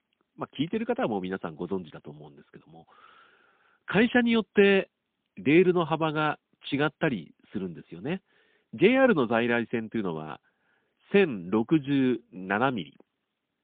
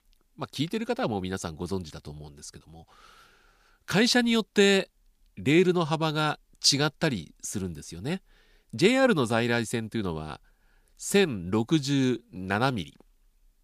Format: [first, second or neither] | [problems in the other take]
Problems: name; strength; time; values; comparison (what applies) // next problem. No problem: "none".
second | phone-call audio; poor line; nothing above 3.5 kHz